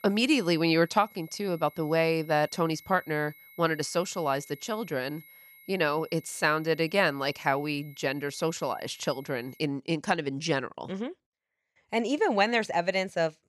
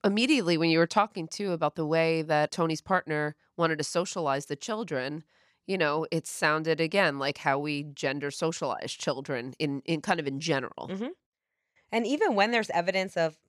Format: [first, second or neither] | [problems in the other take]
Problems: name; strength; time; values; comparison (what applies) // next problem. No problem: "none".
second | high-pitched whine; faint; until 9.5 s; 2 kHz, 25 dB below the speech